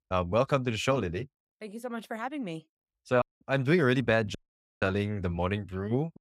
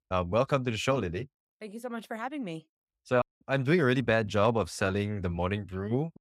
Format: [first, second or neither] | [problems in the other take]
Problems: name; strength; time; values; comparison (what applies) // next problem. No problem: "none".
second | audio cutting out; at 4.5 s